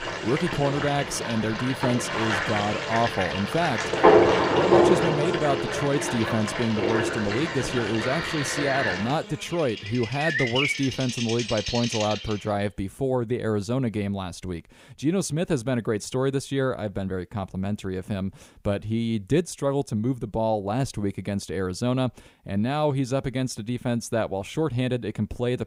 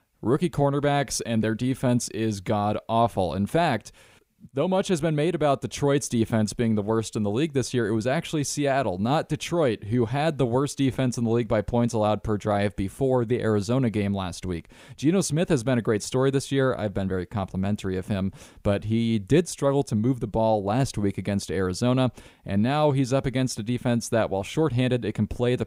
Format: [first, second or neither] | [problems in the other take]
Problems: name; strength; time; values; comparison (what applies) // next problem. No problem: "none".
second | animal sounds; very loud; until 12 s; 2 dB above the speech